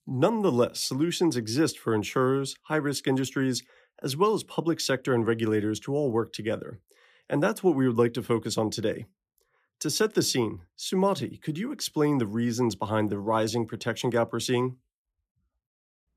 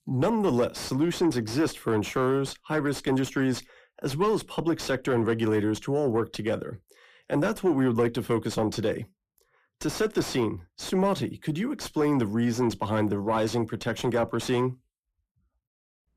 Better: first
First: none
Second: distortion; slight; 10 dB below the speech

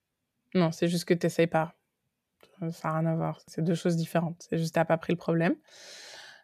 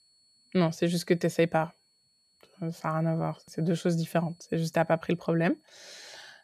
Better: first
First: none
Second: high-pitched whine; faint; throughout; 4.5 kHz, 35 dB below the speech

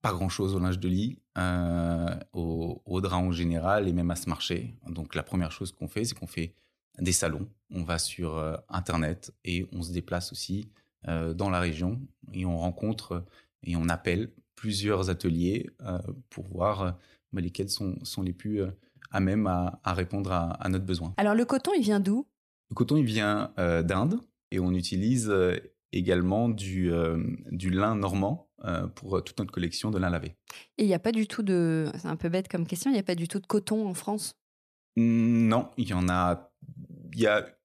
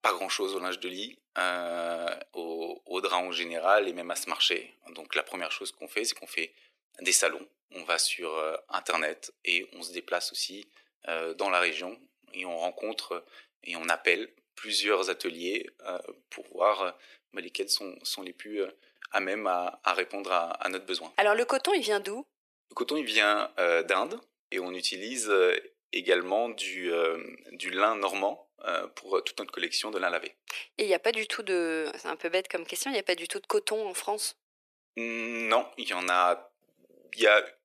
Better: first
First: none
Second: thin; very; fading below 350 Hz

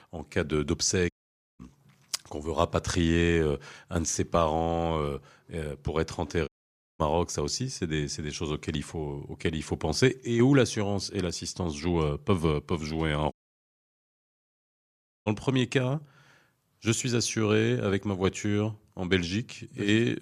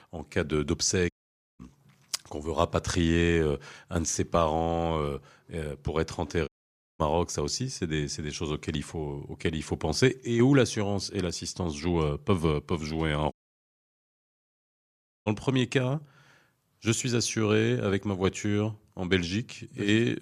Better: neither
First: audio cutting out; at 1 s, at 6.5 s for 0.5 s and at 13 s for 2 s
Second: audio cutting out; at 1 s, at 6.5 s for 0.5 s and at 13 s for 2 s

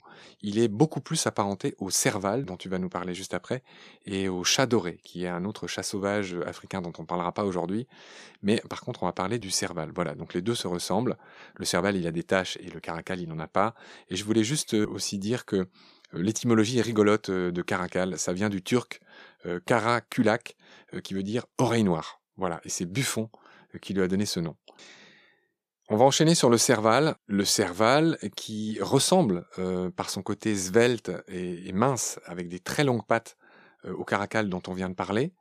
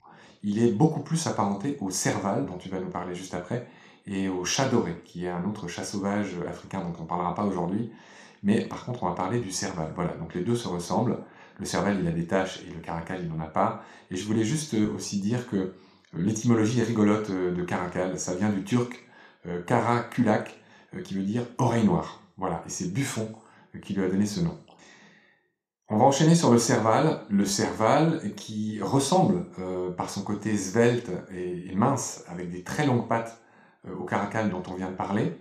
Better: first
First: none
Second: room echo; slight; dies away in 0.4 s

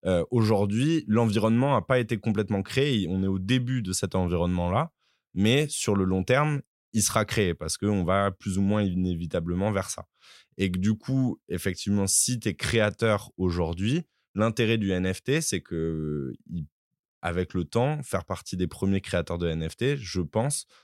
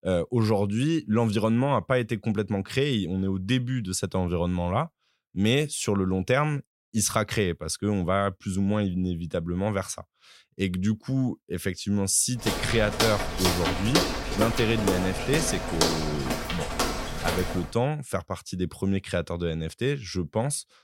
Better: first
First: none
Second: footsteps; loud; from 12 to 18 s; peak 2 dB above the speech

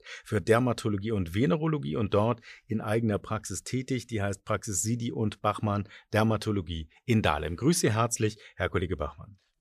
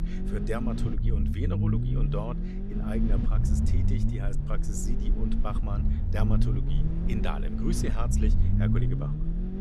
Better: first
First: none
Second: low rumble; loud; throughout; 1 dB below the speech

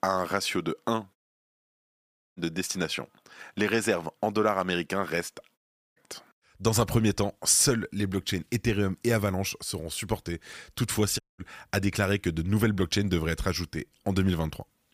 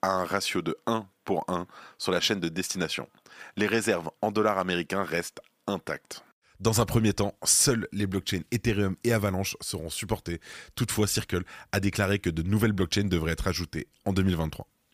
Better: second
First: audio cutting out; at 1 s for 1 s, at 5.5 s and at 11 s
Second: none

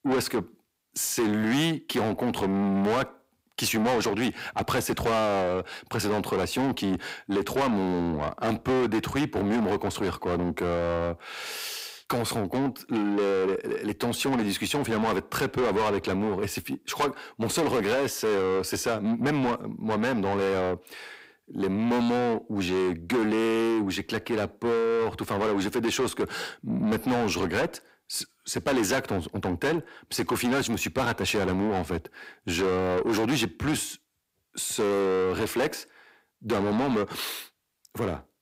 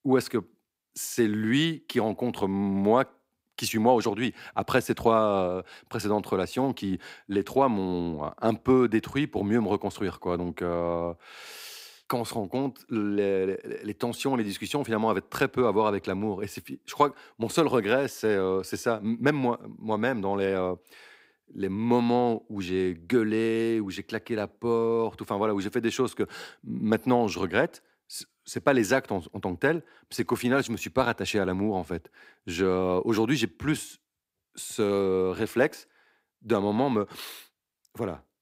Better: second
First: distortion; heavy; 6 dB below the speech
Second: none

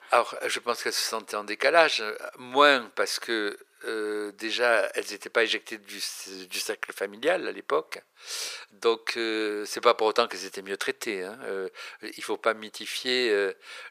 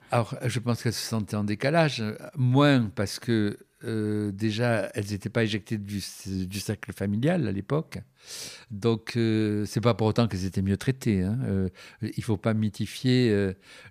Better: second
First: thin; very; fading below 400 Hz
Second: none

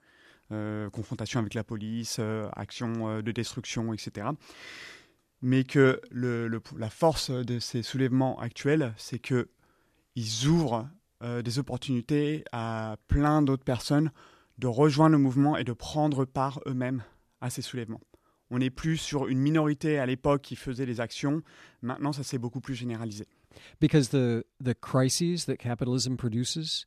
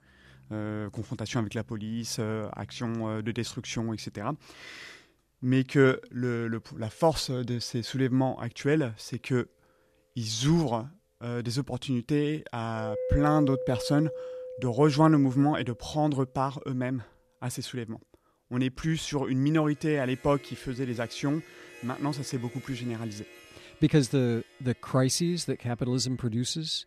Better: first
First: none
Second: background music; noticeable; throughout; 10 dB below the speech

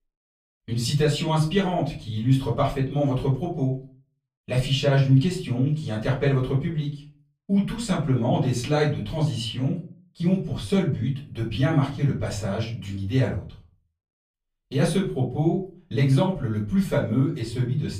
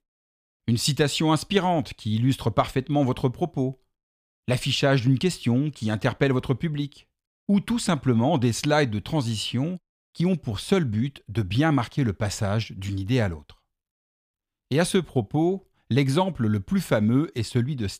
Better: second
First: off-mic speech; far // room echo; slight; dies away in 0.3 s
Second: none

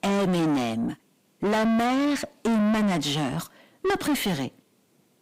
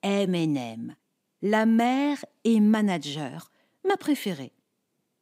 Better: second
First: distortion; heavy; 5 dB below the speech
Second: none

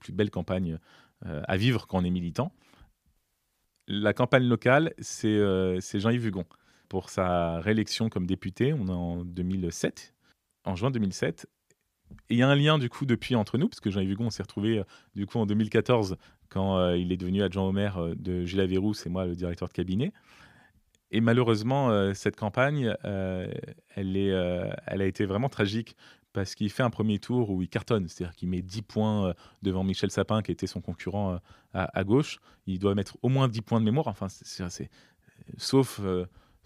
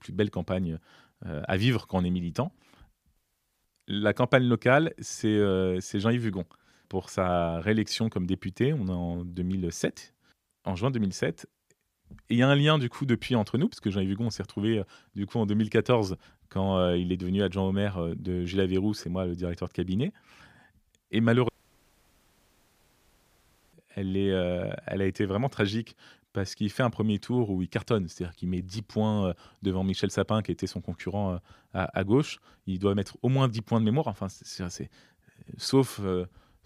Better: first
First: none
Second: audio cutting out; at 21 s for 2 s

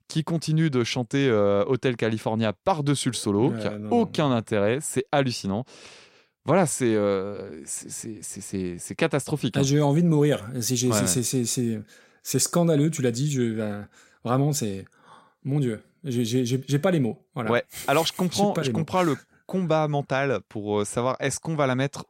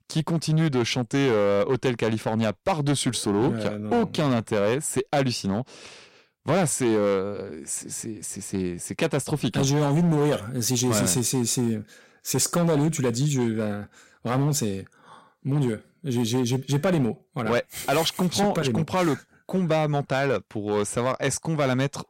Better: first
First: none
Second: distortion; slight; 8% of the sound clipped

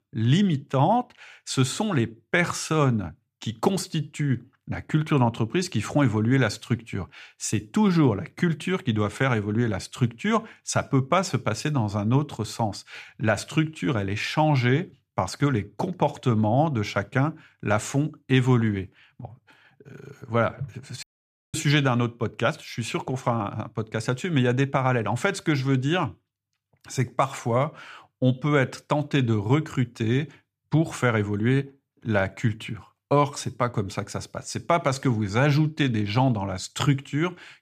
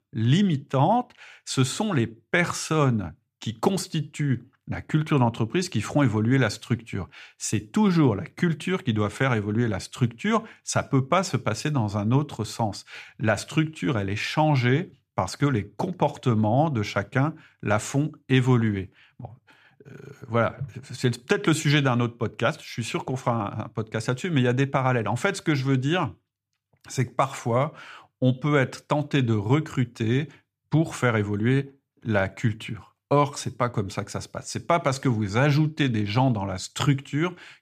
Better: second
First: audio cutting out; at 21 s for 0.5 s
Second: none

